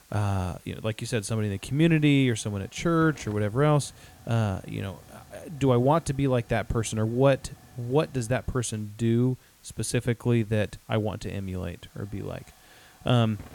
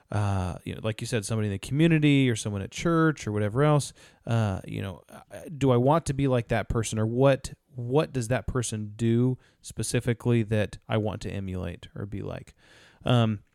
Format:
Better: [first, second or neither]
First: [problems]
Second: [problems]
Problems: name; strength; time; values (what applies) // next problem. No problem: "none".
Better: second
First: hiss; faint; throughout; 25 dB below the speech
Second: none